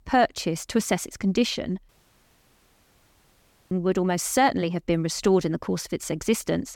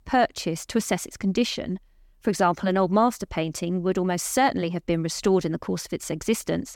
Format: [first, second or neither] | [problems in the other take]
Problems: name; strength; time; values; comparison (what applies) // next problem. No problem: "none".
second | audio cutting out; at 2 s for 2 s